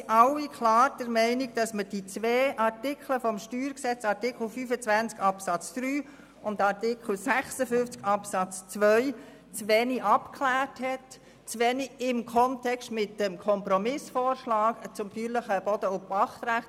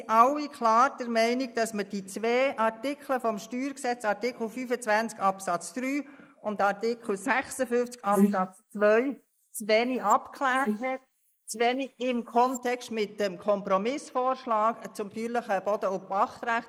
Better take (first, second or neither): first